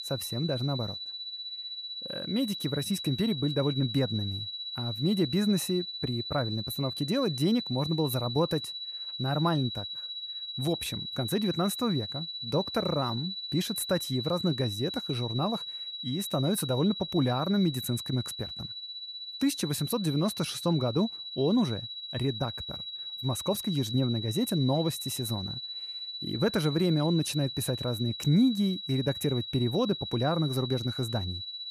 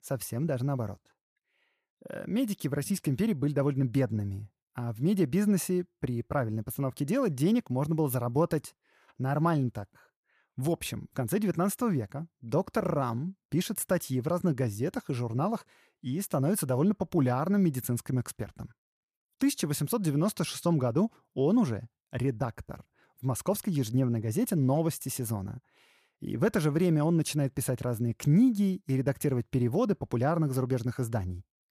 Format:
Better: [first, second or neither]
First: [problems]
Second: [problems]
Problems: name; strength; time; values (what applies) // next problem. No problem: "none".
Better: second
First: high-pitched whine; loud; throughout; 4 kHz, 6 dB below the speech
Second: none